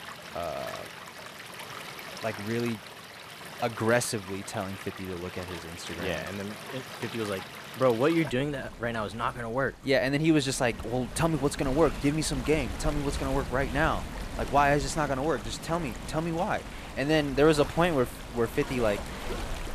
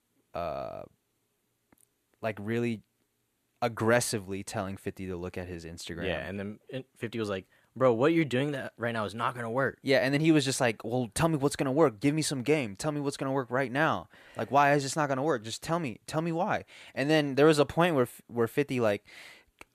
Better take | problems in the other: second | rain or running water; noticeable; throughout; 10 dB below the speech

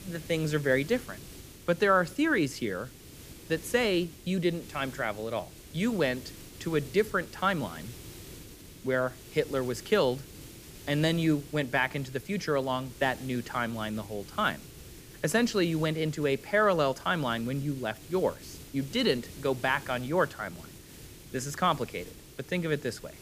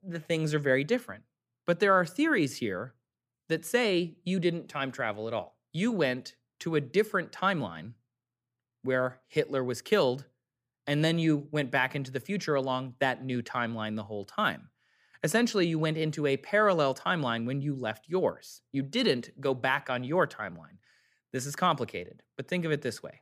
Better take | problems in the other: second | hiss; noticeable; throughout; 15 dB below the speech

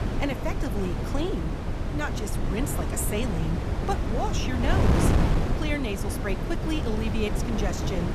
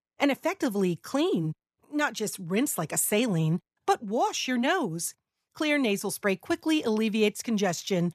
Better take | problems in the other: second | wind noise on the microphone; heavy; 1 dB below the speech

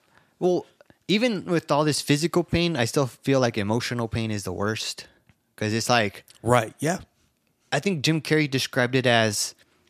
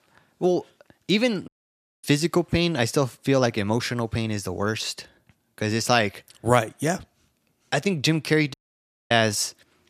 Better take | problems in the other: first | audio cutting out; at 1.5 s for 0.5 s and at 8.5 s for 0.5 s

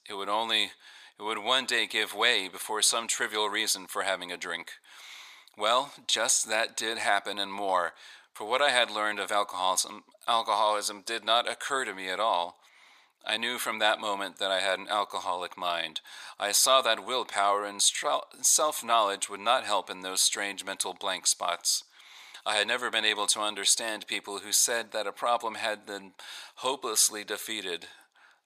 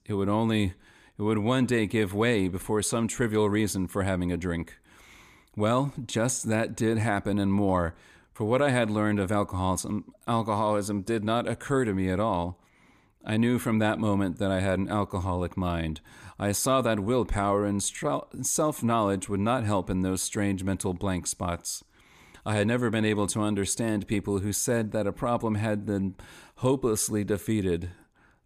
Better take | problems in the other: second | thin; very; fading below 900 Hz

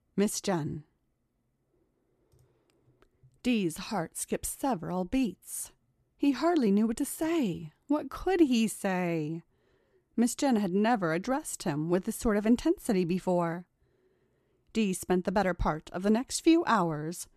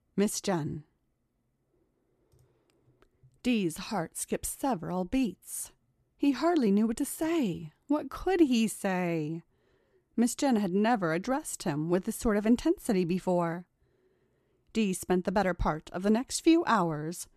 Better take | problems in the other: neither | none

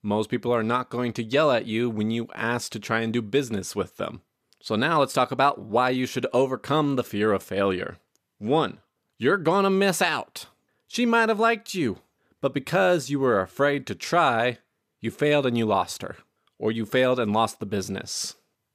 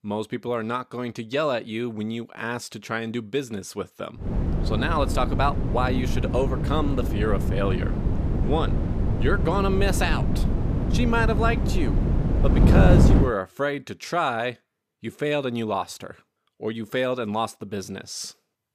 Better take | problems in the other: first | wind noise on the microphone; heavy; from 4 to 13 s; 5 dB below the speech

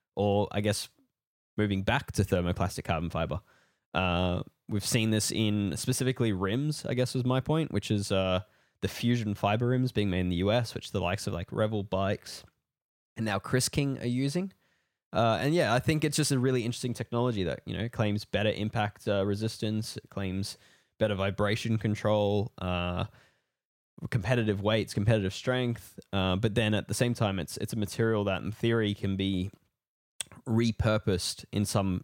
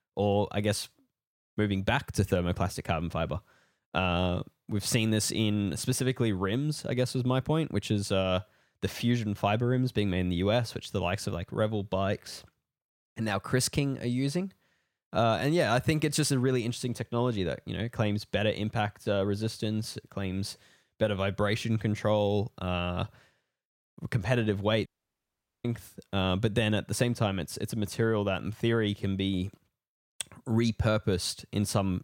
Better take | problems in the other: first | audio cutting out; at 25 s for 1 s

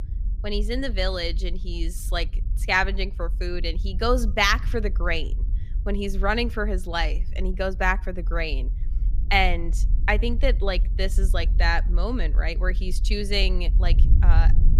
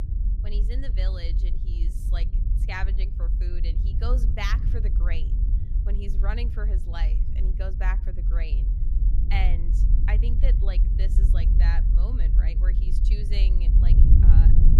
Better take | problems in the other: first | low rumble; loud; throughout; 5 dB below the speech; faint in the first

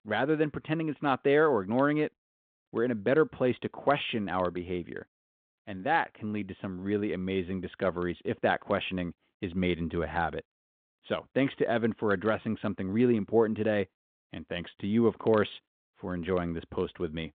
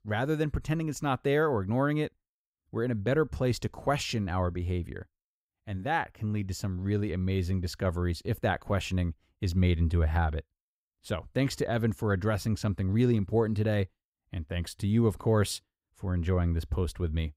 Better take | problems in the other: second | phone-call audio; nothing above 3.5 kHz

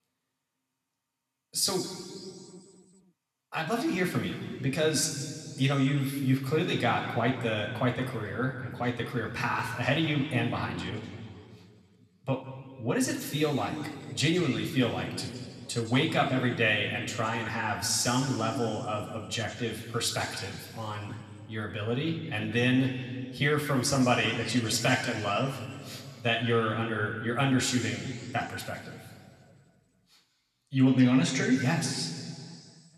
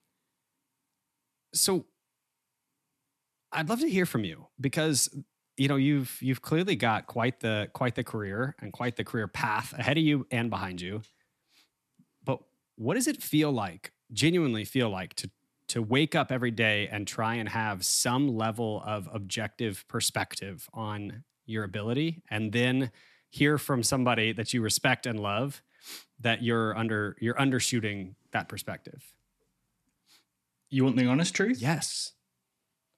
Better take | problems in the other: second | room echo; noticeable; dies away in 2.3 s // off-mic speech; somewhat distant

